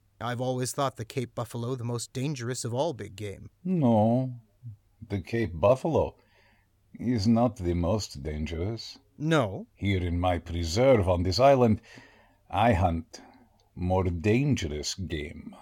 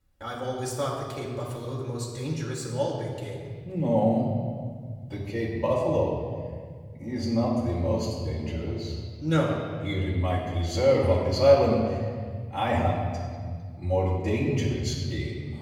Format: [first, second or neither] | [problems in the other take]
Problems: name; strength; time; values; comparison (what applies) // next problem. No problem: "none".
first | off-mic speech; far // room echo; noticeable; dies away in 1.8 s